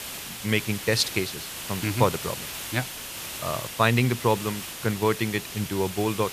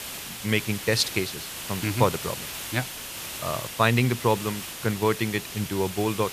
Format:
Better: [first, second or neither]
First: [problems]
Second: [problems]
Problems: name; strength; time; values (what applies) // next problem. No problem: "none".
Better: neither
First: hiss; loud; throughout; 7 dB below the speech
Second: hiss; loud; throughout; 7 dB below the speech